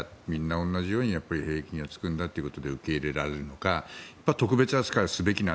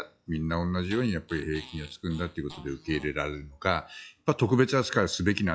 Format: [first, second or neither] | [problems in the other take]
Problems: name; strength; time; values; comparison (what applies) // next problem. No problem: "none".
first | noise reduction (classical method log-MMSE)